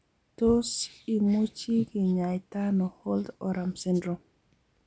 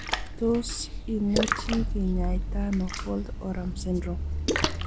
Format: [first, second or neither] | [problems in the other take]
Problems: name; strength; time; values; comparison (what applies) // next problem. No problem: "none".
first | background sound (Splash, splatter); as loud as the speech